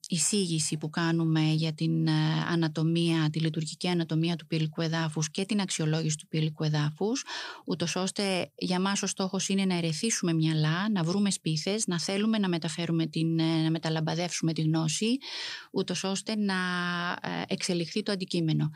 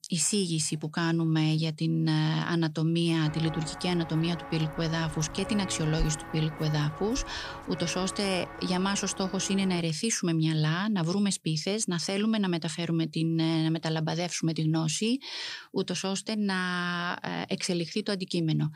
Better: first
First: none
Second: footsteps; noticeable; from 3.5 to 9.5 s; peak 8 dB below the speech

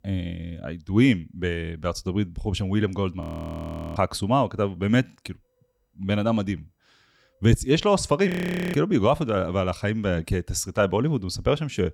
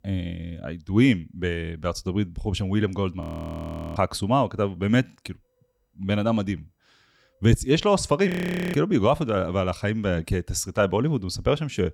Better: neither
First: audio freezing; at 3 s for 1 s and at 8.5 s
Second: audio freezing; at 3 s for 1 s and at 8.5 s

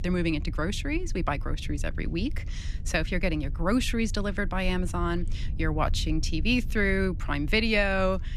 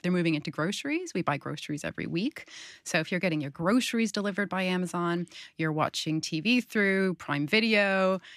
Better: second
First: low rumble; faint; throughout; 25 dB below the speech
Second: none

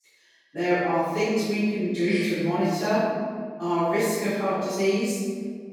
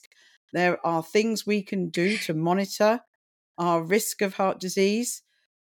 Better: second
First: off-mic speech; far // room echo; strong; dies away in 1.7 s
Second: none

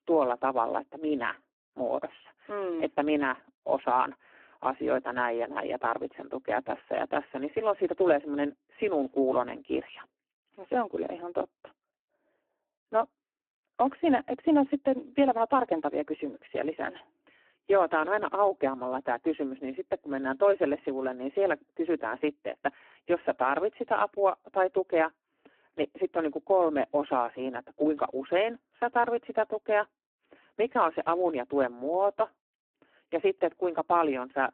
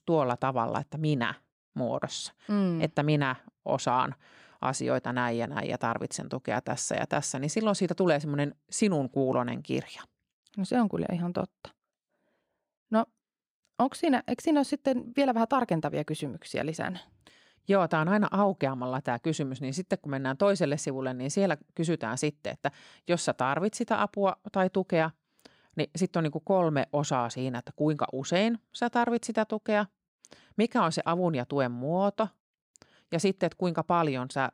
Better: second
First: phone-call audio; poor line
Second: none

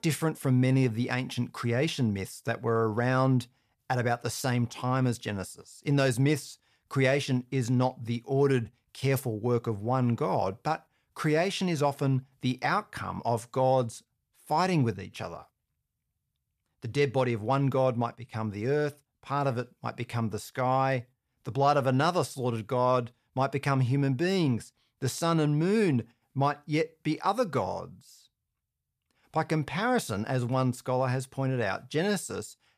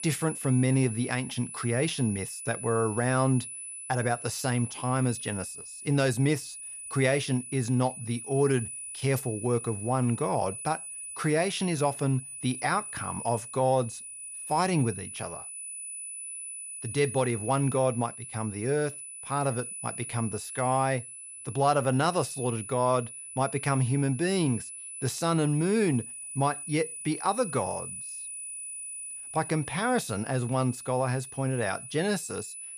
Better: first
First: none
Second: high-pitched whine; loud; throughout; 10 kHz, 9 dB below the speech

